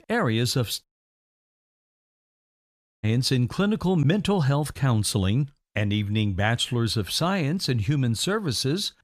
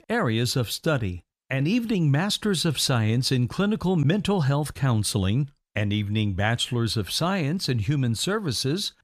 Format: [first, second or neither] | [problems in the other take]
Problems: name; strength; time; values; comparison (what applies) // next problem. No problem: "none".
second | audio cutting out; at 1 s for 2 s